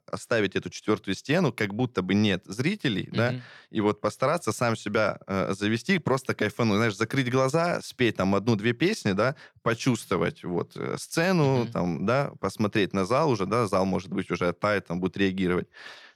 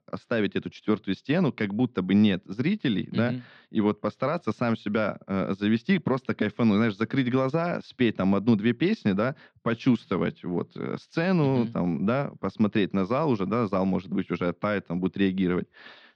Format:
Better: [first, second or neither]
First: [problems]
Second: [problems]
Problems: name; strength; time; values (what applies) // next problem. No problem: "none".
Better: first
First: none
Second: muffled; slightly; fading above 4 kHz